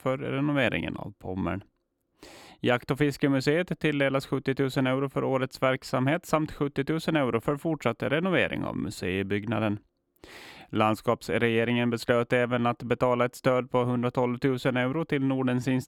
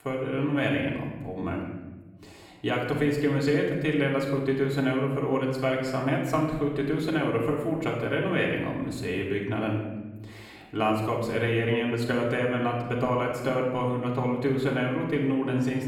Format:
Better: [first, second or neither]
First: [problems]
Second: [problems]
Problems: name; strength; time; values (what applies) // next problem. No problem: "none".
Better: first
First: none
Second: room echo; noticeable; dies away in 1 s // off-mic speech; far